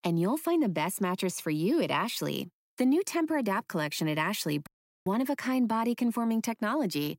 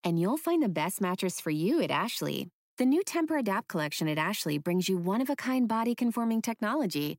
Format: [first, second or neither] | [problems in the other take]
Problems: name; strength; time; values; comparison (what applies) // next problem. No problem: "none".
second | audio cutting out; at 4.5 s